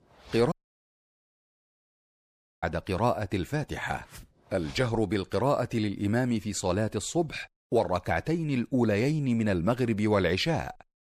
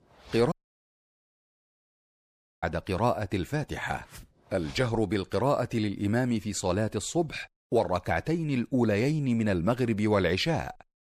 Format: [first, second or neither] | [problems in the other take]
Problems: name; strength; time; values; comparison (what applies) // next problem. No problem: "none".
neither | audio cutting out; at 0.5 s for 2 s; the same in both